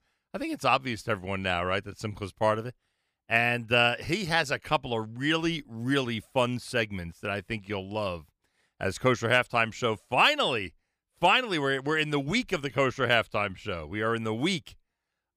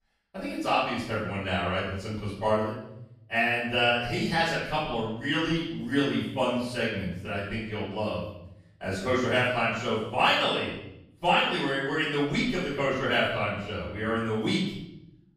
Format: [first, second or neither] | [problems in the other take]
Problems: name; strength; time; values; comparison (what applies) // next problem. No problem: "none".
first | off-mic speech; far // room echo; noticeable; dies away in 0.8 s